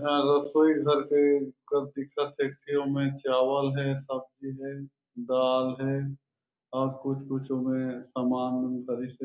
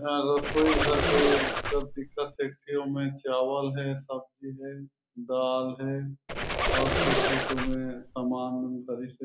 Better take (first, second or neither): first